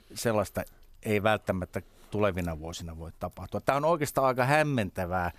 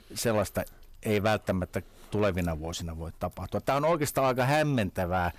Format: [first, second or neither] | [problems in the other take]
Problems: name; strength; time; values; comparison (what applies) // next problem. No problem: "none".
first | distortion; slight; 10 dB below the speech